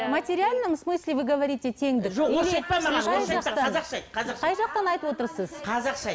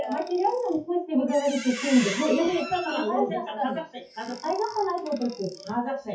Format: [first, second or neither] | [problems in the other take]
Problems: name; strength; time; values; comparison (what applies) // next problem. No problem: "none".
first | noise reduction (classical method WPE with log-MMSE)